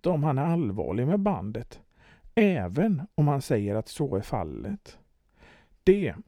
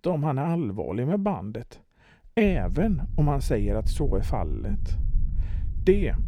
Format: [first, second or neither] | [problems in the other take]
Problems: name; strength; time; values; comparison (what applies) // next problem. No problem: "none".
first | low rumble; faint; from 2.5 s on; 20 dB below the speech